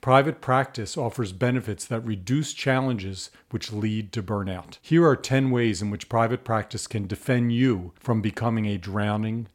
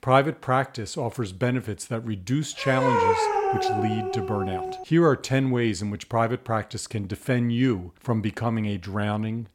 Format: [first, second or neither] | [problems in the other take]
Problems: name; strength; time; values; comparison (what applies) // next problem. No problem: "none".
first | dog barking; loud; from 2.5 to 5 s; peak 5 dB above the speech